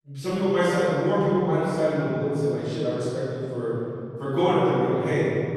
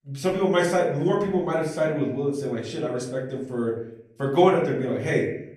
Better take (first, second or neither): second